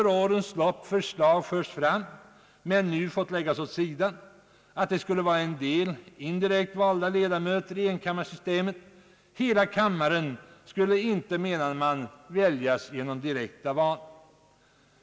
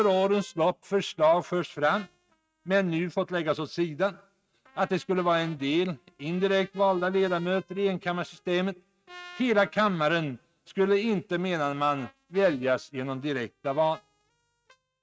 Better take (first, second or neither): first